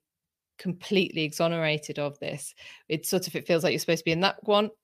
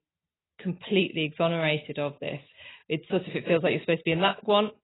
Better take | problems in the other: first | garbled, watery; badly; nothing above 4 kHz

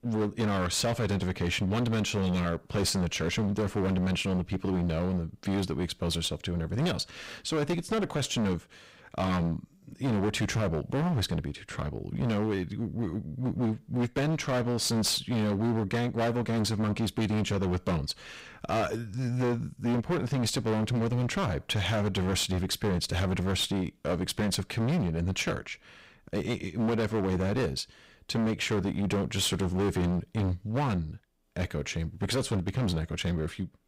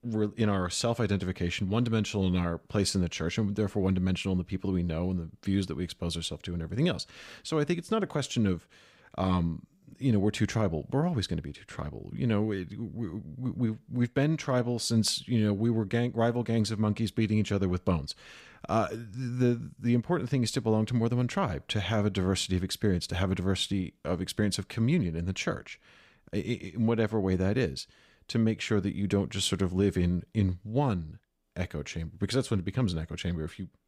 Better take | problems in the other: second | distortion; heavy; 20% of the sound clipped

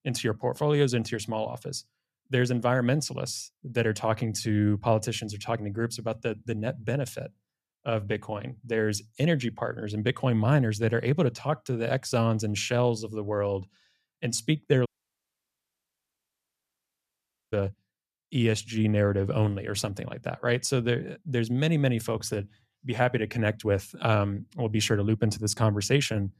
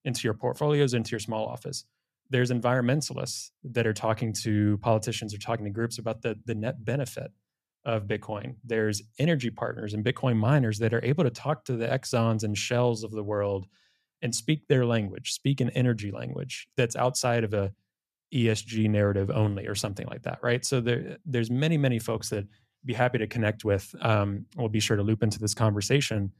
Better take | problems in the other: second | audio cutting out; at 15 s for 2.5 s

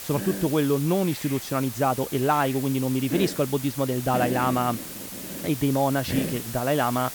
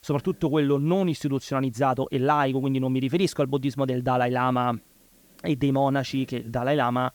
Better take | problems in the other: second | hiss; loud; throughout; 8 dB below the speech; faint in the second

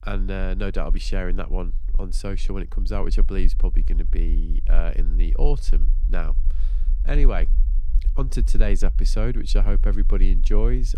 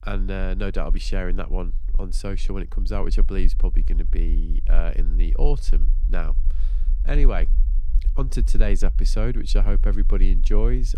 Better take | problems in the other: neither | low rumble; noticeable; throughout; 20 dB below the speech; the same in both

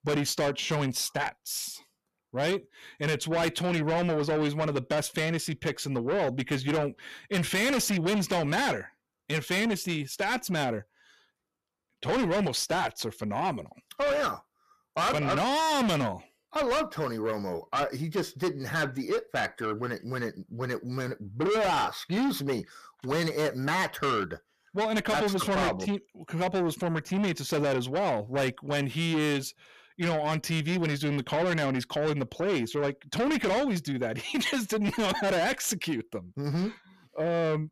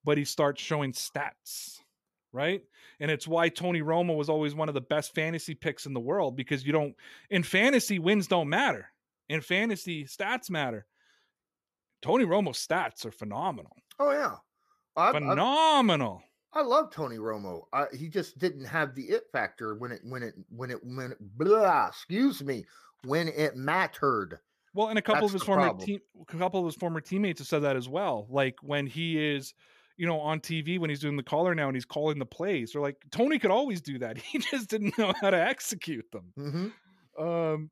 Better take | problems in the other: second | distortion; heavy; 6 dB below the speech

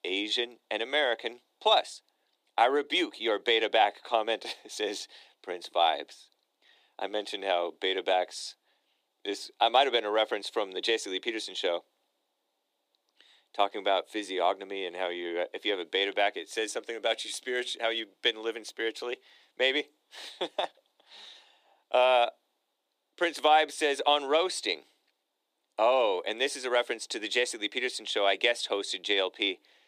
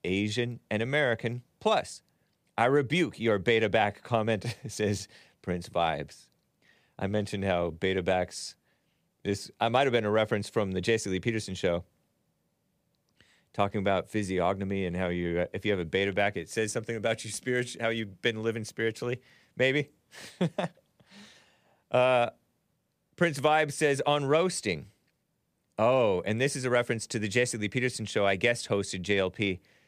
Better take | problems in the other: second | thin; very; fading below 300 Hz

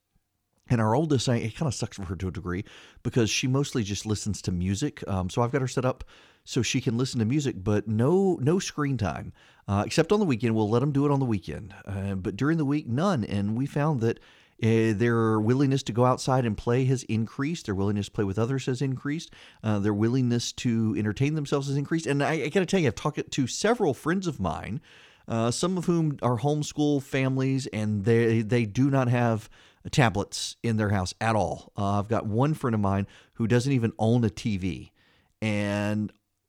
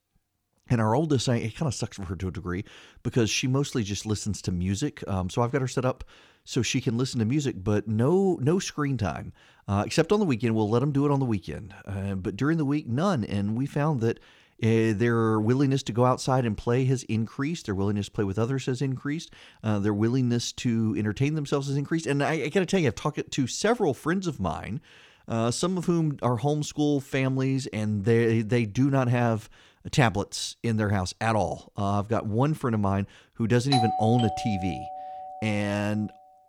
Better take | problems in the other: first | doorbell; loud; from 34 to 36 s; peak level with the speech

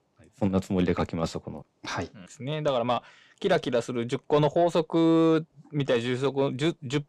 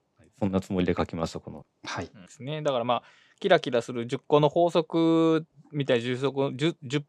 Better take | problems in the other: second | distortion; slight; 10 dB below the speech

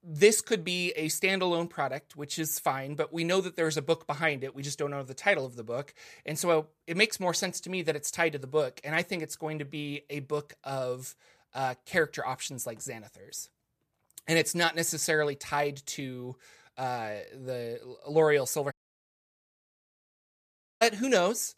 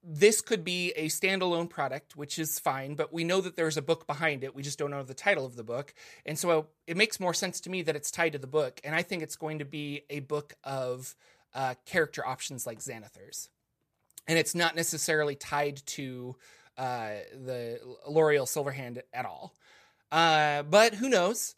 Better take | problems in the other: second | audio cutting out; at 19 s for 2 s

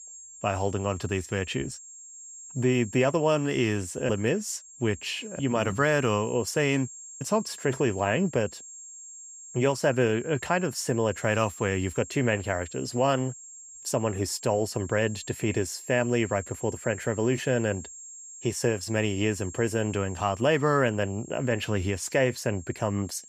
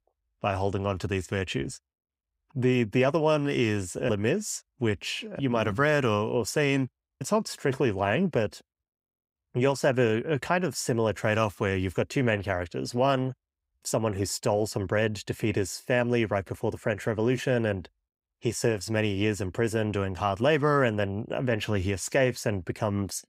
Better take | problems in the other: second | high-pitched whine; noticeable; throughout; 7.5 kHz, 15 dB below the speech

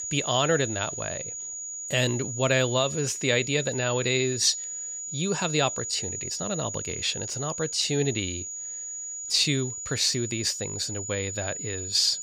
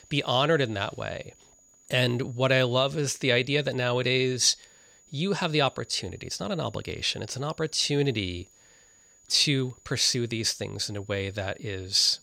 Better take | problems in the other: second | high-pitched whine; loud; throughout; 7 kHz, 6 dB below the speech; faint in the second

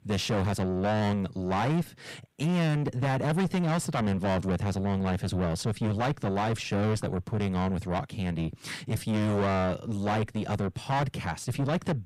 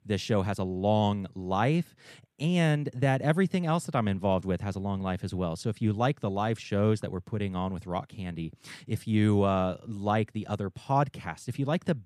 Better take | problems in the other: second | distortion; heavy; 5 dB below the speech

